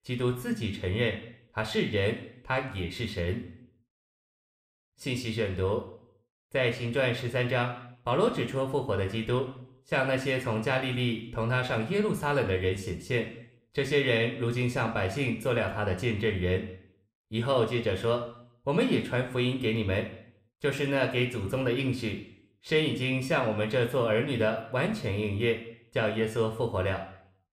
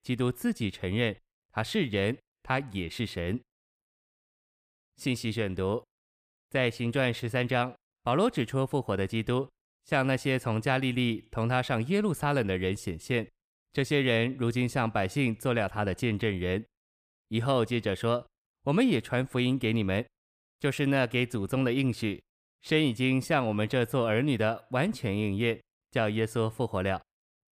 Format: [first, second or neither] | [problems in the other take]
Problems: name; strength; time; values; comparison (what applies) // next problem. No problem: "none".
second | room echo; slight; dies away in 0.6 s